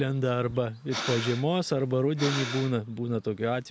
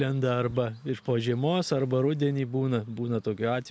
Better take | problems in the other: second | background sound (Breathing); 9 dB below the speech

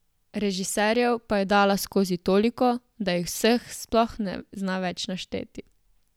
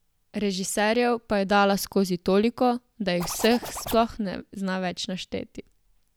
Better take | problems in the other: first | background sound (Zipper (clothing)); 12 dB below the speech

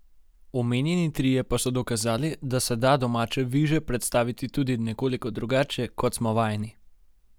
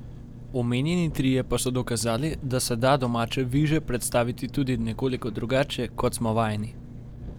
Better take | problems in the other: first | background sound (Engine); 14 dB below the speech

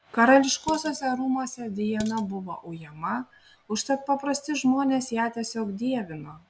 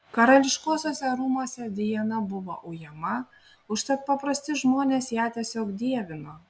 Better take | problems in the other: second | background sound (Dishes, pots, and pans); 18 dB below the speech

